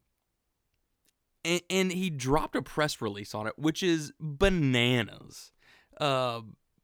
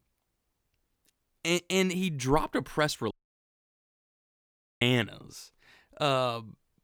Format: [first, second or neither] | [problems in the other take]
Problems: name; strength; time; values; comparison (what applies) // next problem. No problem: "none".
first | audio cutting out; at 3 s for 1.5 s